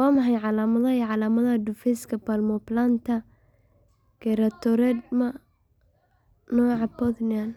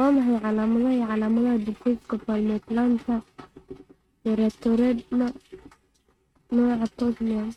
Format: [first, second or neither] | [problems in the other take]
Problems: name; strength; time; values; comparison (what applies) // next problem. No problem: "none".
first | noise reduction (neural mask model RNNoise)